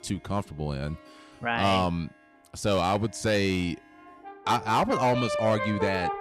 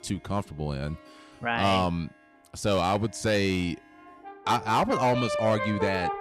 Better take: neither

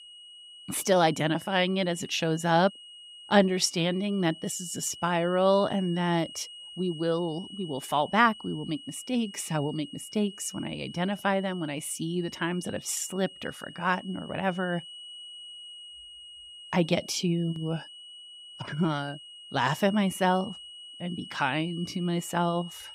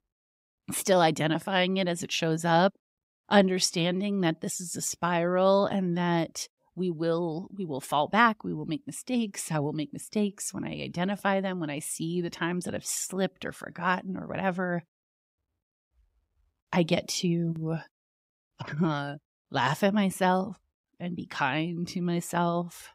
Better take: second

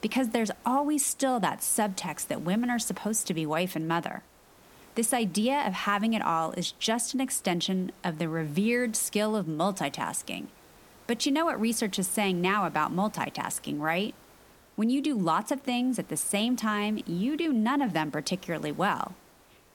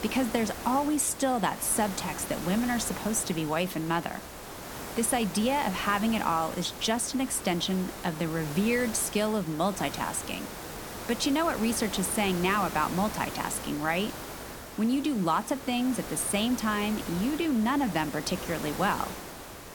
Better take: first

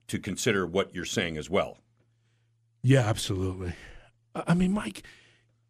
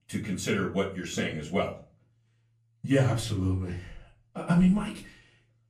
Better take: first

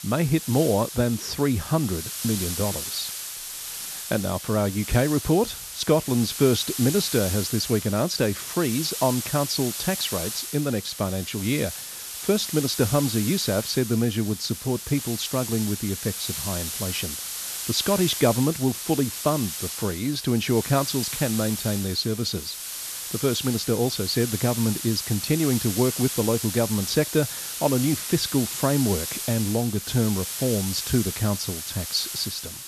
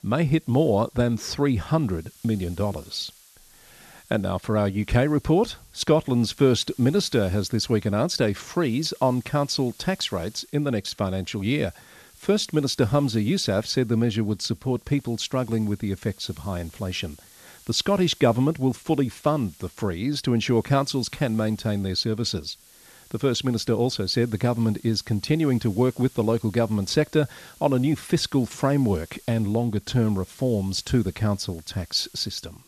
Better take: second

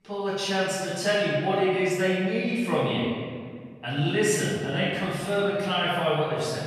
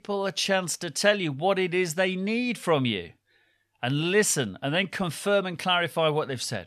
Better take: second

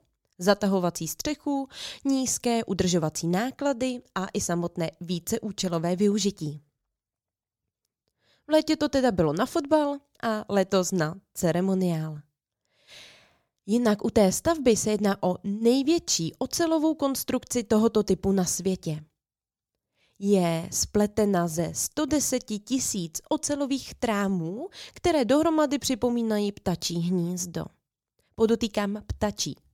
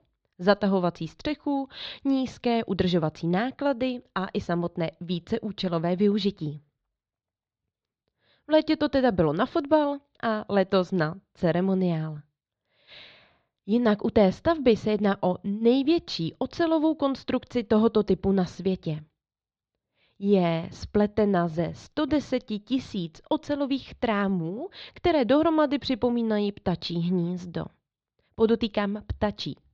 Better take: first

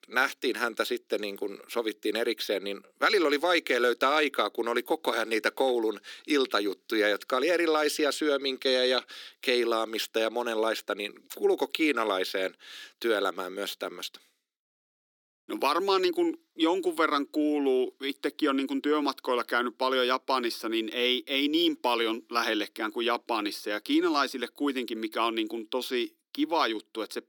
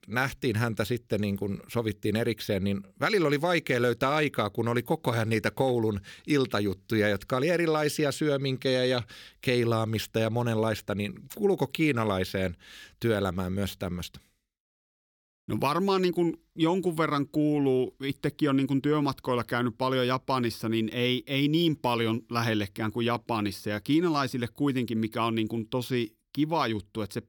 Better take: second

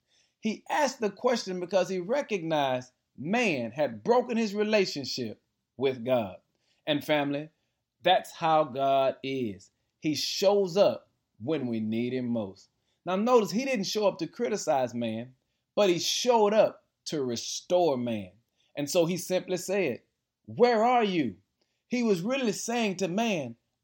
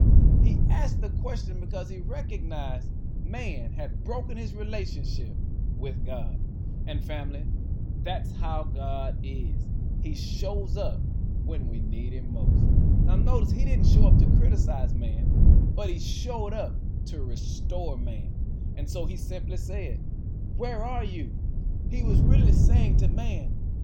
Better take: first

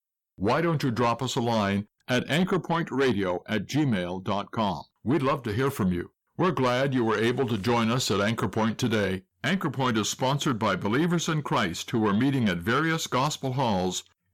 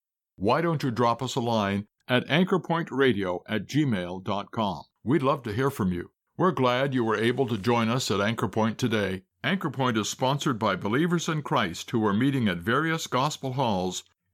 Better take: second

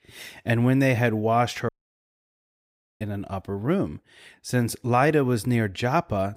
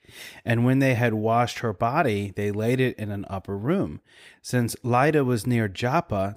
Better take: second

